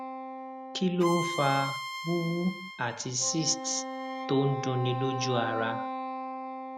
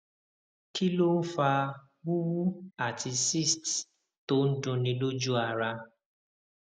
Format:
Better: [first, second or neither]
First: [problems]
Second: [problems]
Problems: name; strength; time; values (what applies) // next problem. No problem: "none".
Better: second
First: background sound (Bowed string instrument + Wind instrument, woodwind instrument); 5 dB below the speech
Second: none